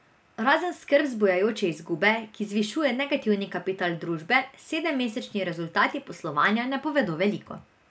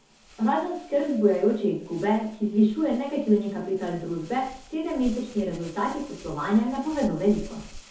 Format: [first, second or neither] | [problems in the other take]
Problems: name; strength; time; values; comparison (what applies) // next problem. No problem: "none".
first | background sound (Crumpling, crinkling); 20 dB below the speech // room echo; dies away in 0.5 s